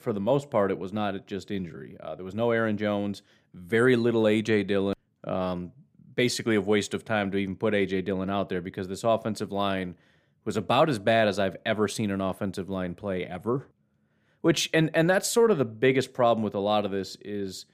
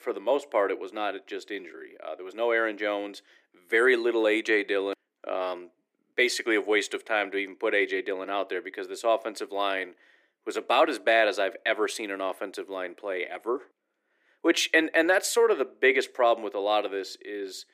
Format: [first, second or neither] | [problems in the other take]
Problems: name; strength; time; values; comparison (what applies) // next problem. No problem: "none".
first | thin; very; fading below 300 Hz